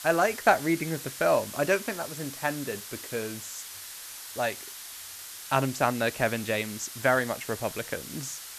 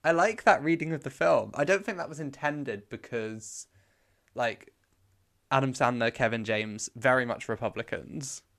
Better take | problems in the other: second | hiss; noticeable; throughout; 10 dB below the speech

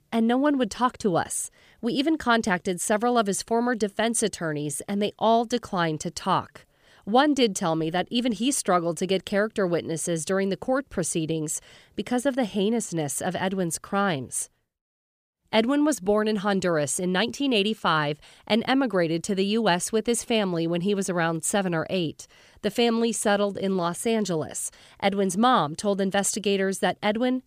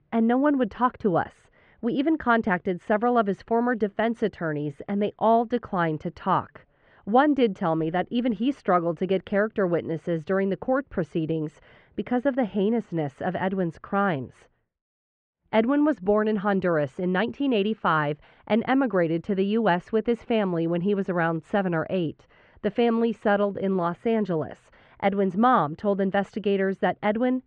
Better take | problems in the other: first | muffled; very; fading above 2 kHz

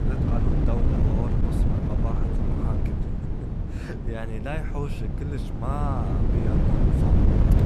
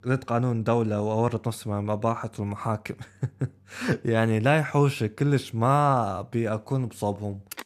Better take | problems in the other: second | wind noise on the microphone; heavy; 2 dB above the speech

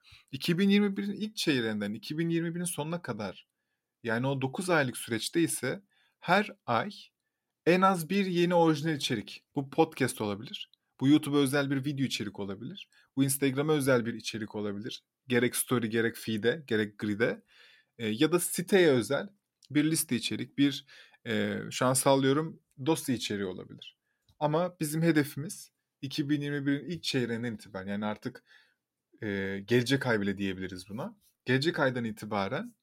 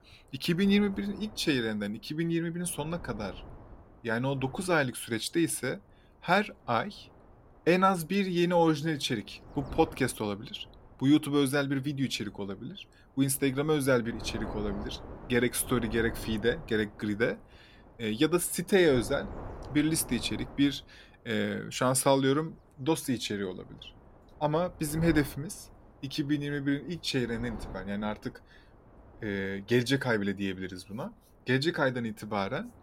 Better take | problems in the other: first | wind noise on the microphone; occasional gusts; 20 dB below the speech

